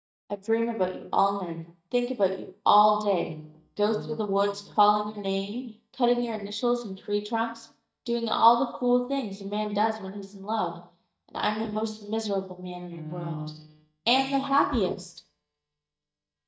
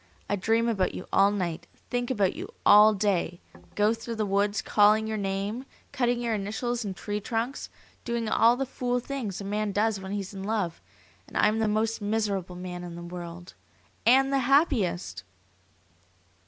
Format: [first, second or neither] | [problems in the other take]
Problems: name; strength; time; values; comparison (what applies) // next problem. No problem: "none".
second | noise reduction (neural mask model DeepFilterNet 3)